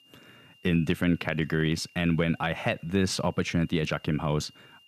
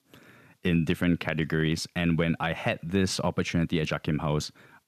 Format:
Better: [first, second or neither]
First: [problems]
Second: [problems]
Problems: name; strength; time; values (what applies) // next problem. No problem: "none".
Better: second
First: high-pitched whine; faint; throughout; 3 kHz, 30 dB below the speech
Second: none